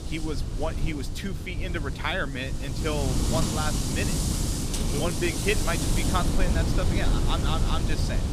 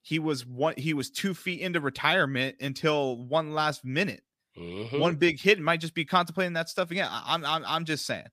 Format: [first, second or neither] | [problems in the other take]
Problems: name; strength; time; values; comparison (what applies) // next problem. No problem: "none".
second | wind noise on the microphone; heavy; 2 dB below the speech